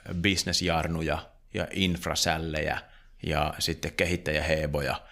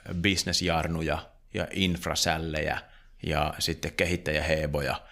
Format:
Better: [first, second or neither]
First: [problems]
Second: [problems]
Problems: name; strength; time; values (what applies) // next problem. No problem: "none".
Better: neither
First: none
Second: none